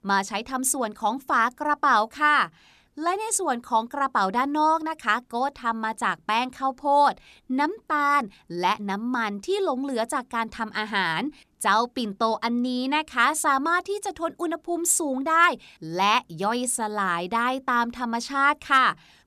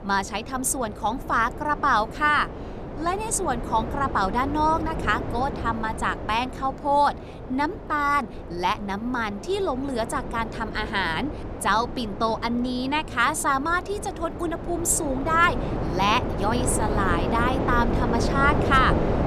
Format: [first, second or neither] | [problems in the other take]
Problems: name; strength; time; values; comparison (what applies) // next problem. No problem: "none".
first | wind noise on the microphone; occasional gusts; 10 dB below the speech